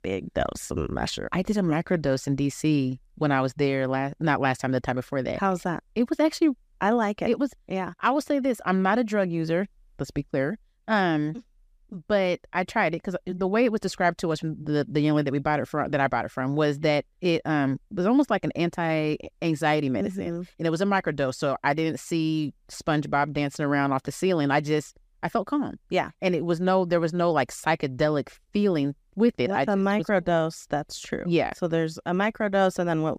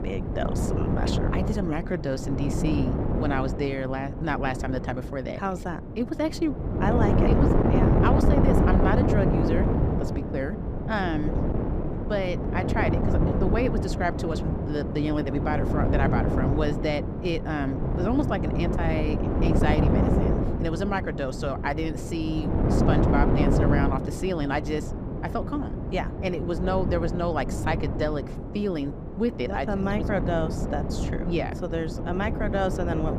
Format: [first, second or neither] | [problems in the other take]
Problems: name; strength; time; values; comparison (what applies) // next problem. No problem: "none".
first | wind noise on the microphone; heavy; 2 dB below the speech